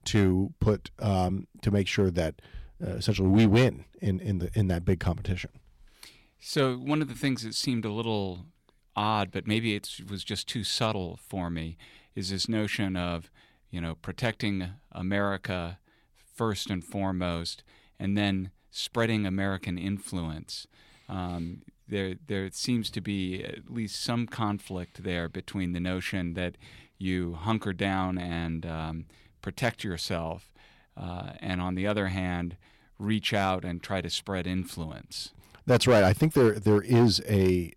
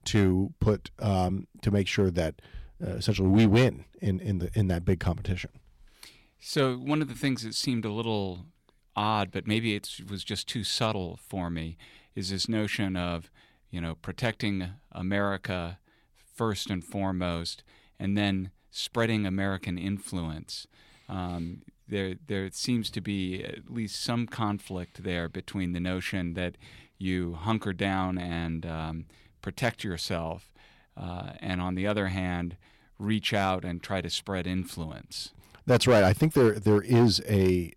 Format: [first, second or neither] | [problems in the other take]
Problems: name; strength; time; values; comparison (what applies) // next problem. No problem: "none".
neither | distortion; slight; 1.2% of the sound clipped; the same in both